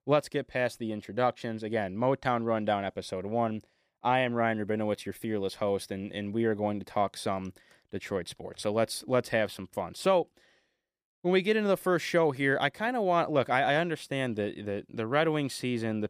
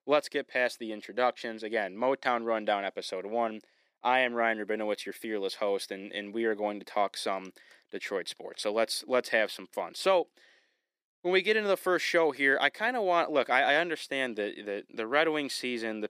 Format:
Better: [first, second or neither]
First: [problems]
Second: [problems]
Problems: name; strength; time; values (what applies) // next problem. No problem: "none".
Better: first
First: none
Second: thin; very slightly; fading below 300 Hz